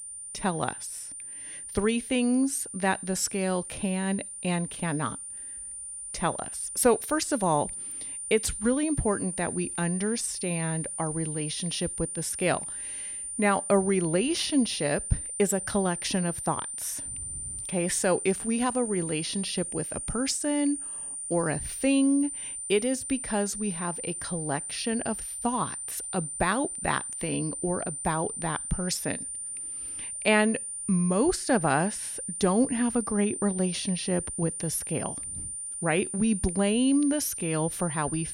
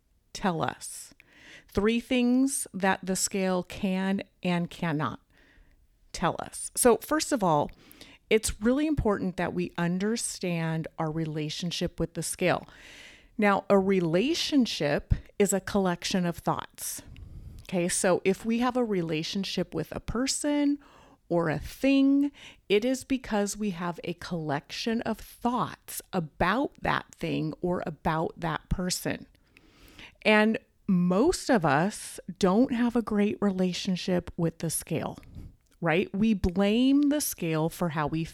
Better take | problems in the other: second | high-pitched whine; loud; throughout; 9 kHz, 5 dB below the speech

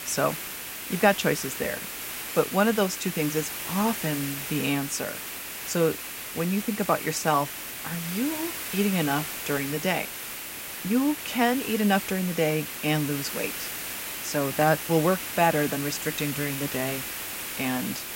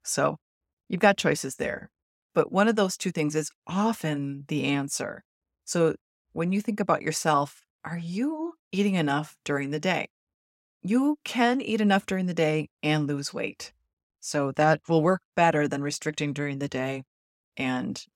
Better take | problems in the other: second | hiss; loud; throughout; 5 dB below the speech

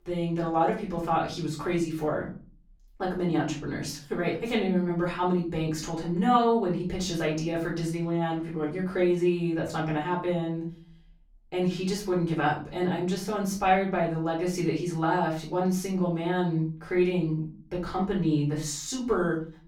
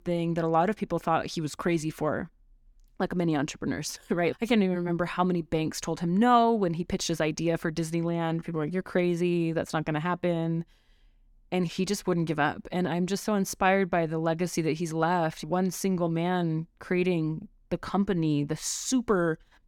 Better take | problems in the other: second | off-mic speech; far // room echo; slight; dies away in 0.4 s

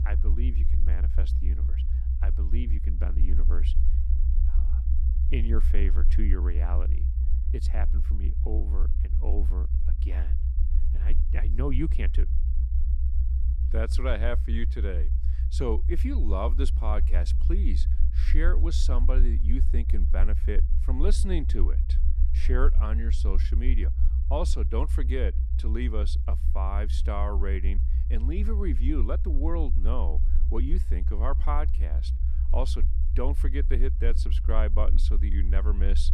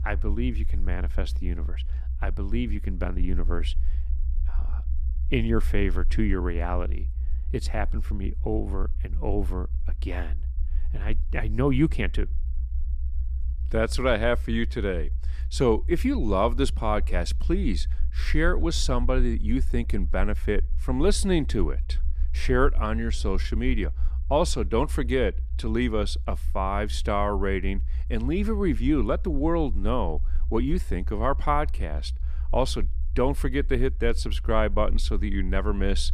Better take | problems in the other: second | low rumble; loud; throughout; 10 dB below the speech; faint in the second

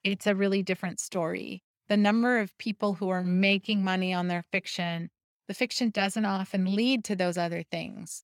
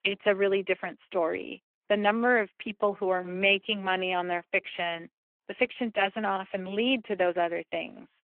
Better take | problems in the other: first | phone-call audio; nothing above 3 kHz

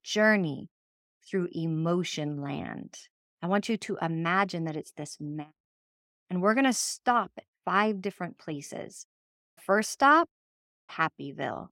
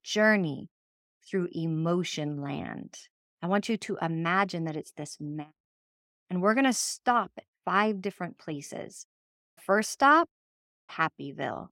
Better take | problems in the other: neither | none

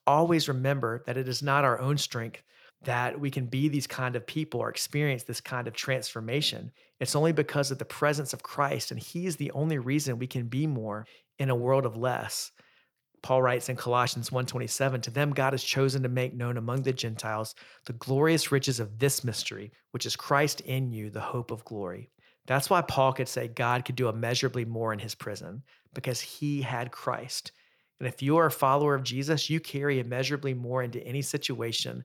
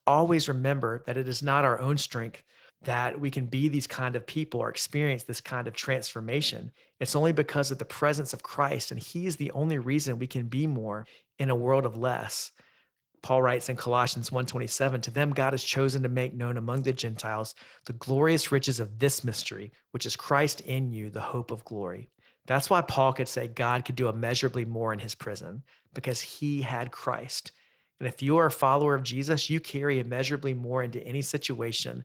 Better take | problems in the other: first | garbled, watery; slightly

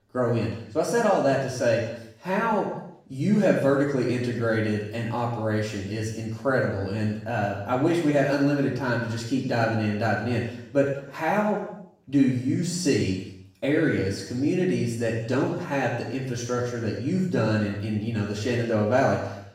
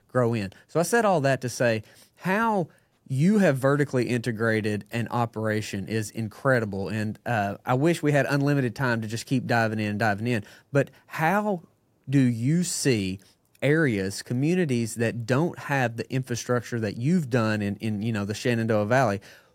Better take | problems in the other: second | room echo; noticeable; dies away in 0.9 s // off-mic speech; far

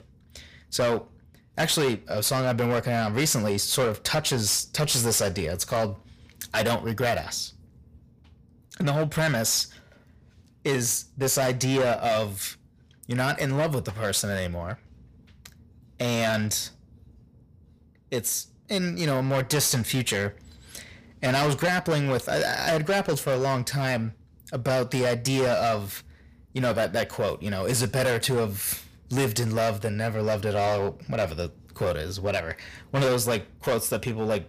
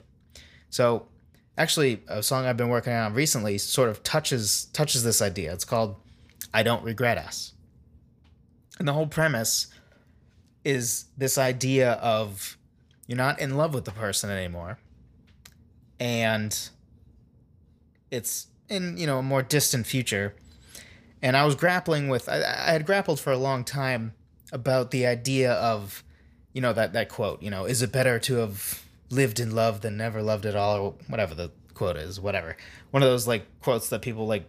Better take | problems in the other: second | distortion; heavy; 11% of the sound clipped

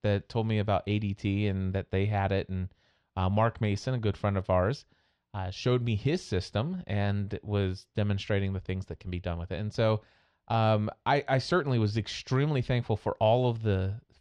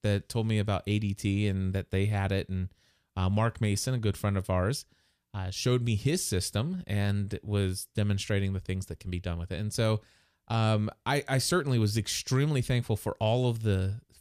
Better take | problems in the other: second | muffled; slightly; fading above 4.5 kHz

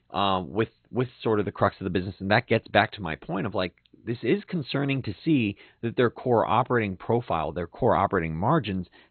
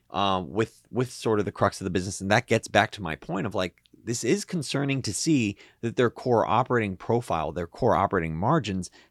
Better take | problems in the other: second | garbled, watery; badly; nothing above 4 kHz

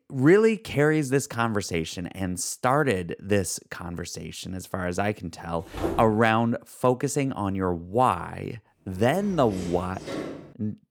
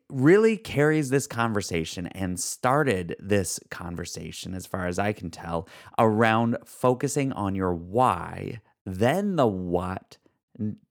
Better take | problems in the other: second | footsteps; noticeable; at 5.5 s; peak 5 dB below the speech // door banging; noticeable; from 9 s on; peak 9 dB below the speech

